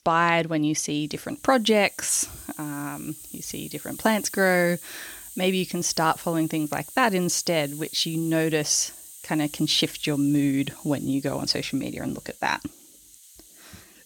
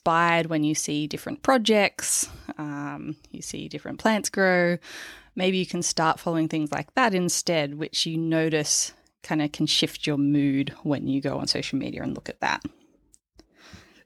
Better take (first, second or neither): second